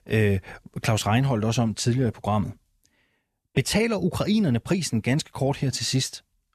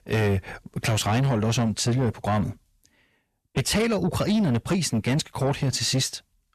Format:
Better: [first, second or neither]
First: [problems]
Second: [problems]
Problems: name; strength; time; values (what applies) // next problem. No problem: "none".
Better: first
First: none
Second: distortion; slight; 10 dB below the speech